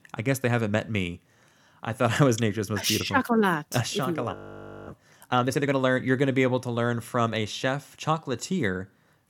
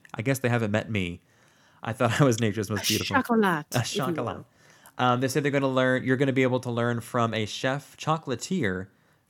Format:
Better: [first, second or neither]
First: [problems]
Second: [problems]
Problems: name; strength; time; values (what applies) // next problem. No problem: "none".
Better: second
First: audio freezing; at 4.5 s for 0.5 s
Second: none